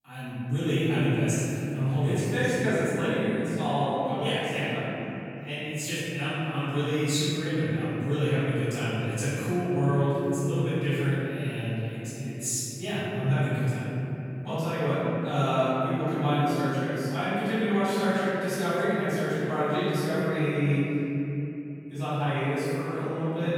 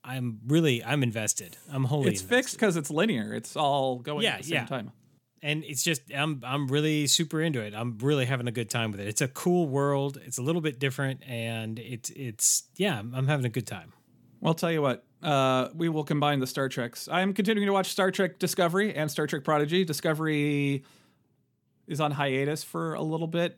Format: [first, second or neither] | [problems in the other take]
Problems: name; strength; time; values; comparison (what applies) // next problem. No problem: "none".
second | off-mic speech; far // room echo; strong; dies away in 3 s